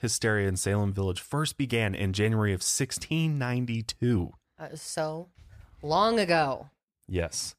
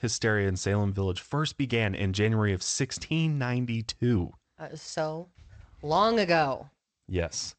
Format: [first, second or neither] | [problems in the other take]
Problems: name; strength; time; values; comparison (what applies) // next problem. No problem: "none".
first | garbled, watery; slightly; nothing above 8 kHz